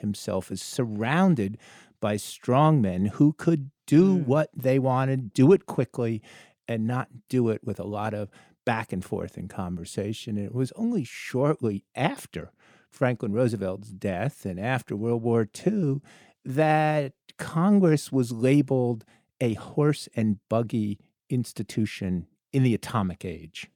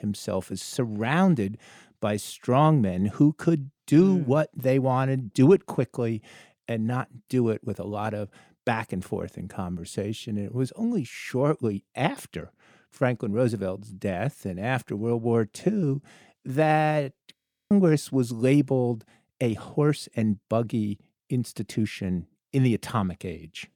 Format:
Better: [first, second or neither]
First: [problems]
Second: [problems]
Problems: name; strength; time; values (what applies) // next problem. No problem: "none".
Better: first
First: none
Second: audio freezing; at 17 s